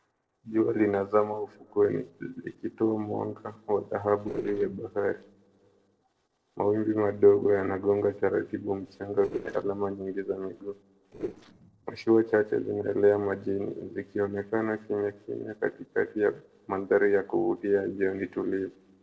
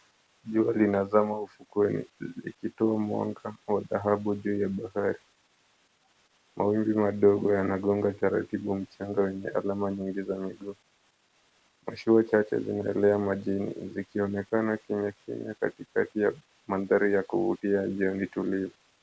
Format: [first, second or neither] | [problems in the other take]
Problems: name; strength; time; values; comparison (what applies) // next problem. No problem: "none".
second | noise reduction (neural separator model SepFormer DNS4)